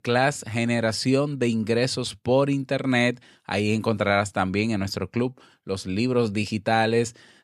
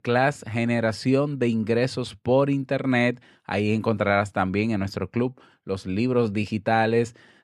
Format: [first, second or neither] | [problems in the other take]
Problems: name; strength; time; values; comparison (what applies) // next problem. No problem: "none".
first | muffled; very slightly; fading above 3.5 kHz